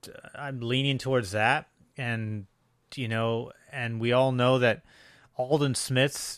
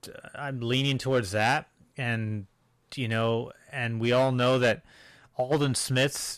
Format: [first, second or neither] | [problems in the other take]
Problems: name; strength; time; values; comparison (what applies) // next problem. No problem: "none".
first | distortion; slight; 4% of the sound clipped